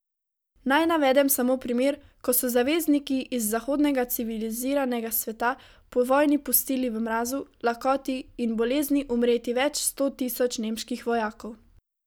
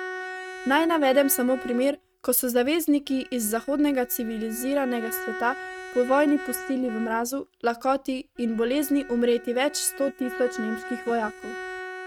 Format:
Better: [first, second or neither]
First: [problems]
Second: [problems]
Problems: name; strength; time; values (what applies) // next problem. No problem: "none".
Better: first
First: none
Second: noise reduction (neural mask model RNNoise)